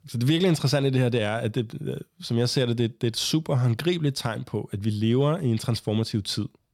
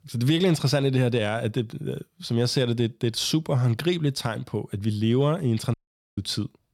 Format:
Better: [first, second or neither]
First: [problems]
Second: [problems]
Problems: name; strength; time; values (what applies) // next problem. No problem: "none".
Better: first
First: none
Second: audio cutting out; at 5.5 s